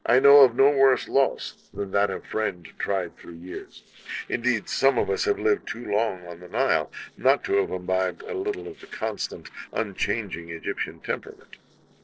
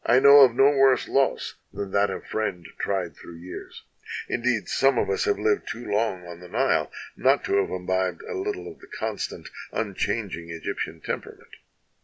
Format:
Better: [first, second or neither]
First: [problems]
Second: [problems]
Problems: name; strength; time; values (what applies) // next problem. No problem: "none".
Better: second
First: noise reduction (neural separator model SepFormer DNS4)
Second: none